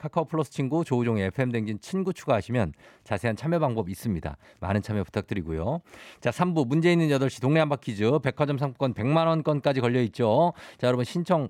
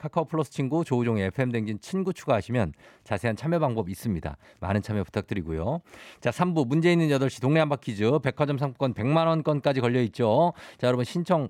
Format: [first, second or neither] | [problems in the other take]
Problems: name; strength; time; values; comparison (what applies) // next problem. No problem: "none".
neither | none